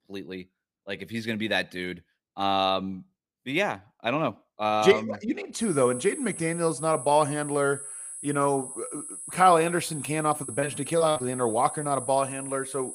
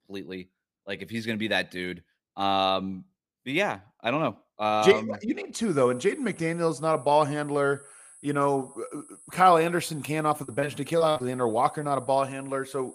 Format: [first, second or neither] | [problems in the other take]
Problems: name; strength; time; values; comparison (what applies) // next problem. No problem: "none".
second | high-pitched whine; loud; from 5.5 s on; 10.5 kHz, 9 dB below the speech; faint in the second